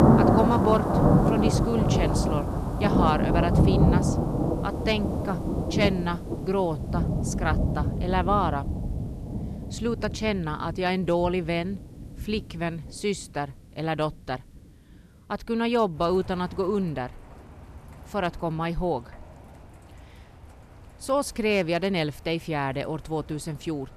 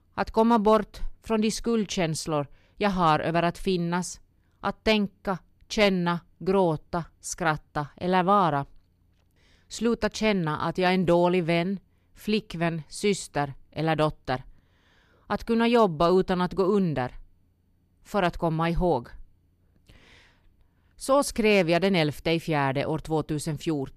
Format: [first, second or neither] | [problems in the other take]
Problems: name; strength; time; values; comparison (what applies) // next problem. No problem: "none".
second | rain or running water; very loud; throughout; 3 dB above the speech